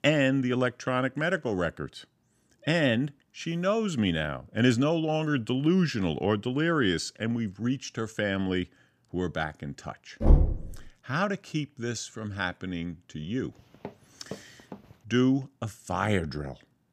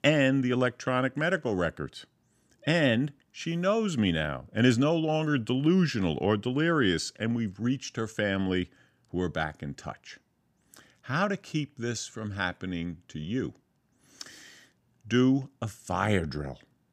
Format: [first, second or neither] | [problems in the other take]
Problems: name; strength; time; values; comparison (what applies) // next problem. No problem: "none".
second | door banging; loud; at 10 s; peak 5 dB above the speech // footsteps; faint; from 14 to 15 s; peak 15 dB below the speech